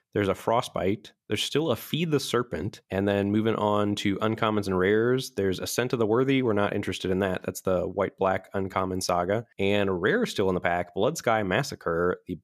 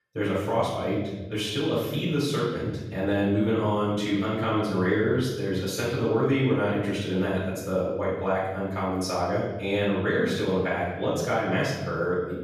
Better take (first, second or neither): first